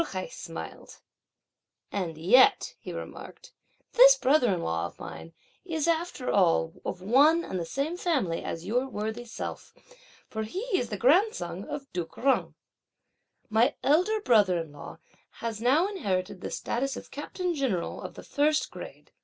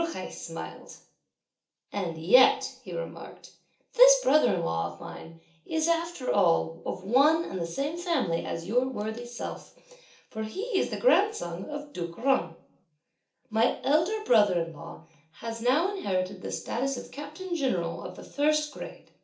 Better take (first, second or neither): first